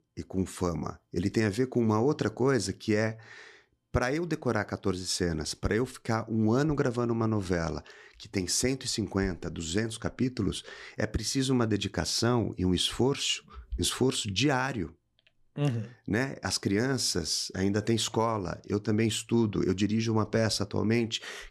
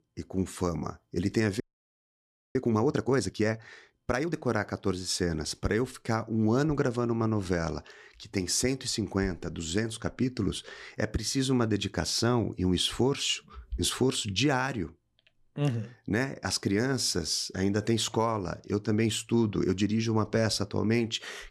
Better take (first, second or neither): first